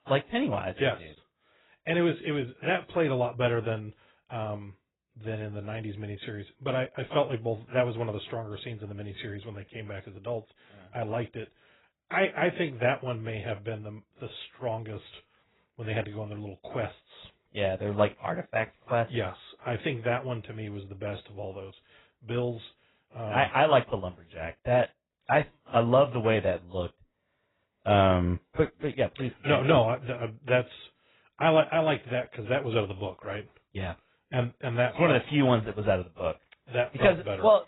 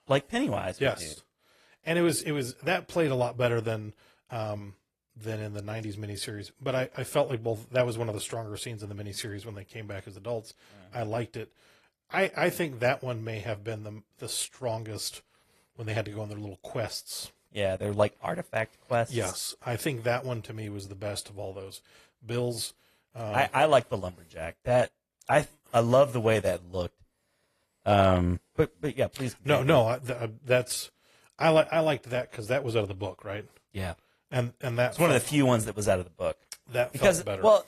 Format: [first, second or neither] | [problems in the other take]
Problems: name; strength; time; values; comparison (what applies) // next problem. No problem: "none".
second | garbled, watery; badly; nothing above 4 kHz; slightly in the second